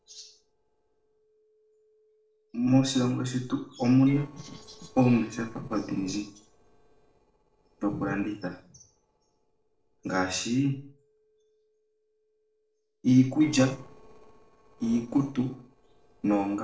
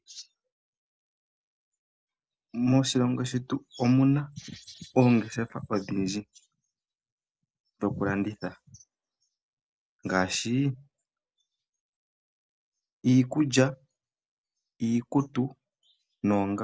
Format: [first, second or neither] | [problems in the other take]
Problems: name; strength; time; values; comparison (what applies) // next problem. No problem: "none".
second | noise reduction (neural separator model SepFormer DNS4)